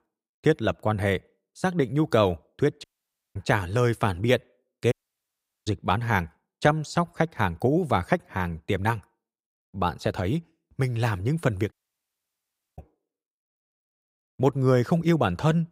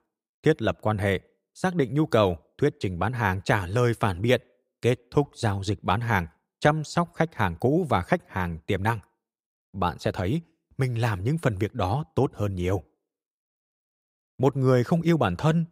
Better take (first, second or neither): second